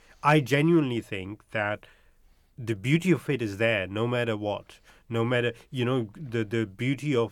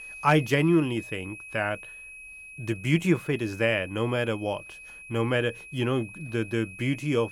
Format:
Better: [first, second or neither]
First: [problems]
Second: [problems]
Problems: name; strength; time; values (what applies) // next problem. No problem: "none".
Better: first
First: none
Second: high-pitched whine; noticeable; throughout; 2.5 kHz, 15 dB below the speech